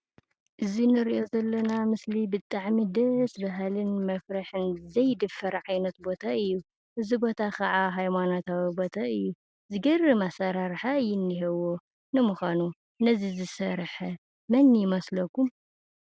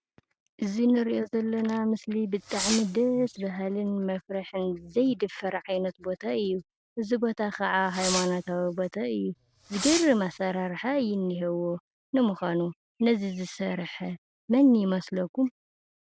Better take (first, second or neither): first